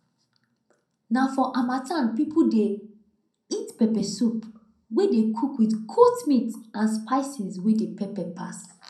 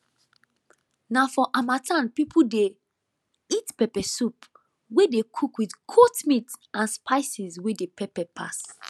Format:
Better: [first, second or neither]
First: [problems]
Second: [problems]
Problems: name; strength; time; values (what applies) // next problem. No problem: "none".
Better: second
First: room echo; dies away in 0.5 s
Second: none